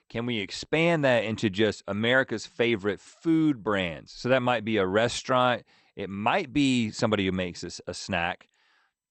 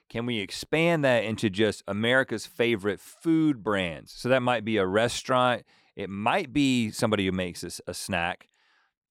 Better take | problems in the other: second | garbled, watery; slightly; nothing above 8.5 kHz

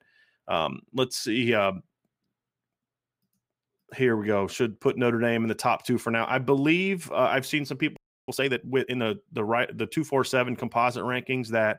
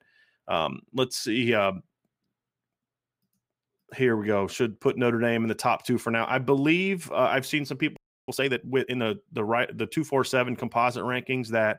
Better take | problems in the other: neither | audio freezing; at 8 s; the same in both

